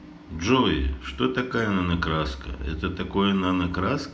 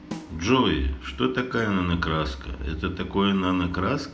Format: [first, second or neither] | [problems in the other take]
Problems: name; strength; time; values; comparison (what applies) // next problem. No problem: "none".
first | background sound (Snare drum); 17 dB below the speech